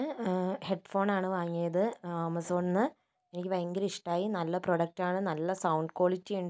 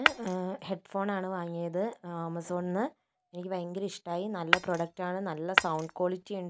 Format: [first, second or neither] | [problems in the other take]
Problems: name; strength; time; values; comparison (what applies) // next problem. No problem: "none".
first | background sound (Shatter); 2 dB above the speech